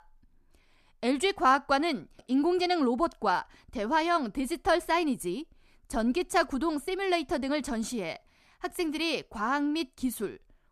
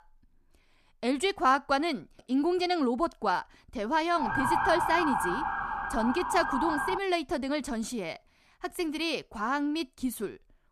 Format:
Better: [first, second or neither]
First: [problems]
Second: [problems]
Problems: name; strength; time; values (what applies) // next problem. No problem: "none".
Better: first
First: none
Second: siren; loud; from 4 to 7 s; peak 3 dB above the speech